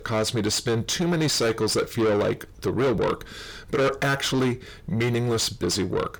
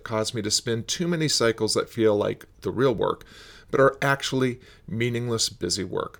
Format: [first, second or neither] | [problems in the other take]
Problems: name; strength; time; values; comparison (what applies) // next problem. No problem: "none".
second | distortion; heavy; 6 dB below the speech